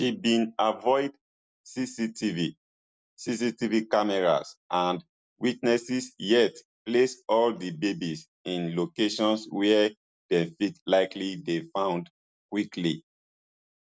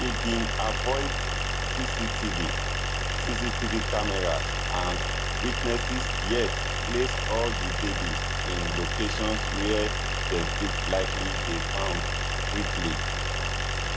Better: first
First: none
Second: background sound (Idling); 5 dB above the speech

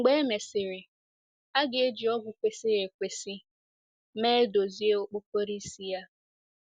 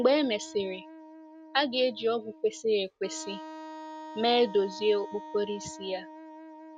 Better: first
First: none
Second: background sound (Wind instrument, woodwind instrument); 15 dB below the speech

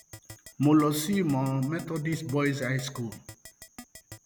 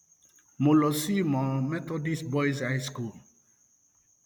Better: second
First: background sound (Keyboard (musical)); 20 dB below the speech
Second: none

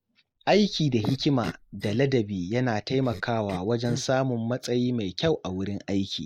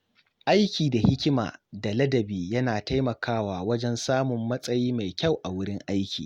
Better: second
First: noise reduction (neural mask model Resemble Enhance denoiser)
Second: none

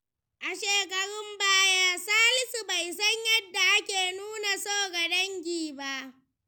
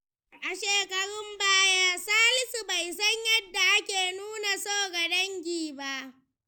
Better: first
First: none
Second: noise reduction (neural mask model Resemble Enhance denoiser)

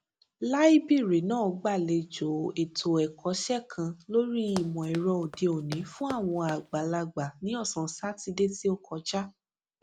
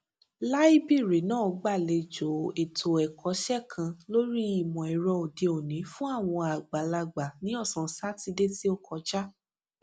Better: second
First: background sound (Run); 16 dB below the speech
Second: none

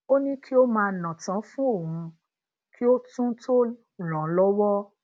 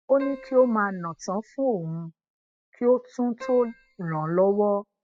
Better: first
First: none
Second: noise reduction (classical method spectral subtraction)

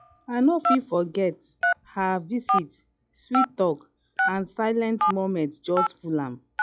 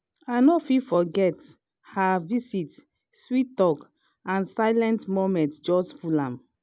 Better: second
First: noise reduction (classical method log-MMSE)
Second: none

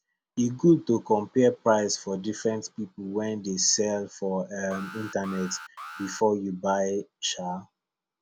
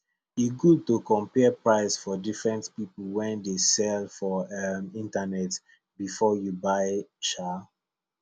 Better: second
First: background sound (Alarm); 14 dB below the speech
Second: none

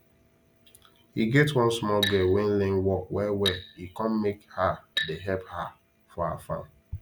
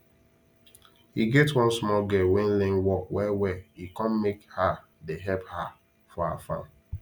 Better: second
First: background sound (Glass); 9 dB below the speech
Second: none

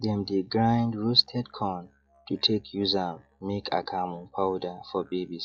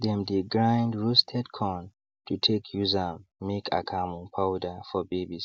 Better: second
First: noise reduction (classical method log-MMSE)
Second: none

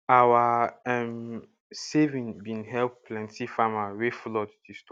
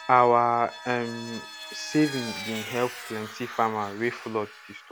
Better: first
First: none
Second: background sound (Vehicle); 14 dB below the speech

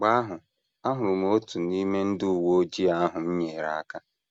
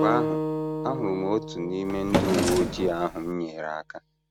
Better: first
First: none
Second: background sound (Acoustic guitar + Drawer open or close); 1 dB below the speech

